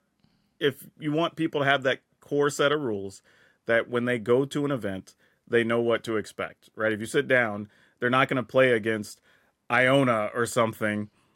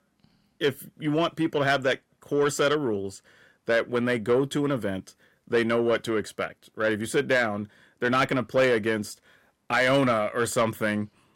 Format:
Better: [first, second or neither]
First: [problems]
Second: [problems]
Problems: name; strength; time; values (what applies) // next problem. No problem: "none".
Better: first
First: none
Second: distortion; slight; 10 dB below the speech